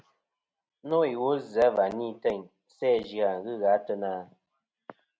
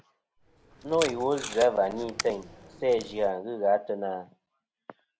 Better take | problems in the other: first | background sound (Packing tape, duct tape); 12 dB below the speech

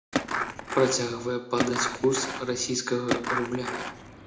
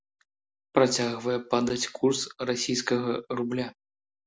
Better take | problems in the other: second | background sound (Skateboard); 3 dB below the speech // room echo; dies away in 0.6 s

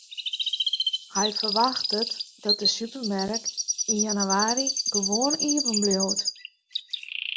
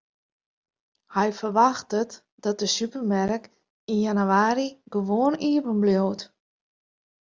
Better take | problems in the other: second | background sound (Chirp, tweet); 1 dB above the speech

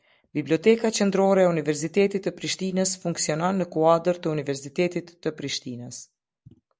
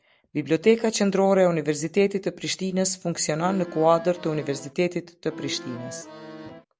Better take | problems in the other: first | background sound (Accordion); 14 dB below the speech

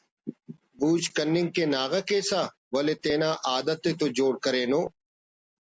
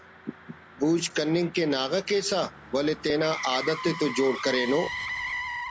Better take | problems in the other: first | background sound (Motor vehicle (road)); 10 dB below the speech

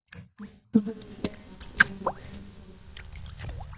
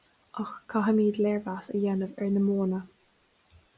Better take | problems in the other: second | noise reduction (neural mask model DeepFilterNet 3)

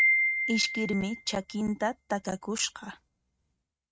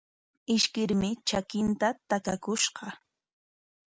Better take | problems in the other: second | noise reduction (neural mask model RNNoise)

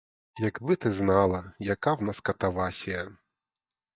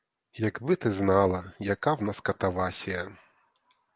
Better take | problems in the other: second | noise reduction (neural mask model DeepFilterNet 3)

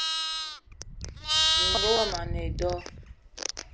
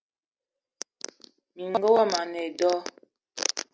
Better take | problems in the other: second | background sound (Livestock, farm animals, working animals); 4 dB above the speech

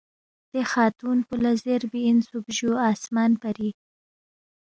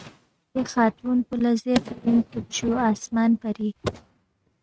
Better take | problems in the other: first | noise reduction (neural mask model RNNoise)

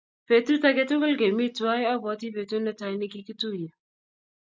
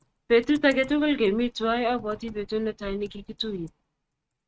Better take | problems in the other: first | noise reduction (neural mask model RNNoise)

